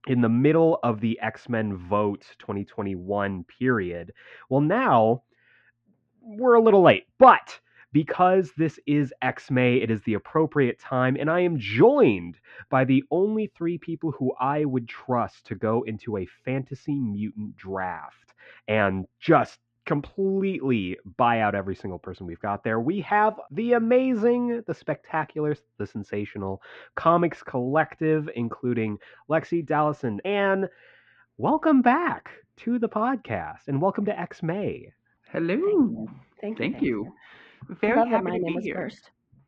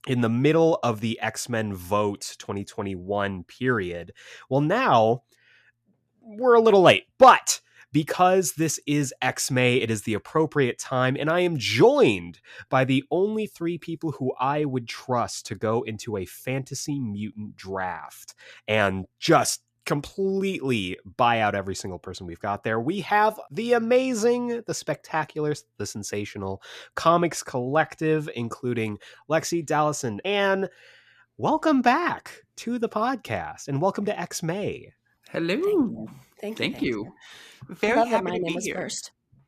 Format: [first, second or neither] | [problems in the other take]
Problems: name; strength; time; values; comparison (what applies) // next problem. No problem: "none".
second | muffled; very; fading above 2.5 kHz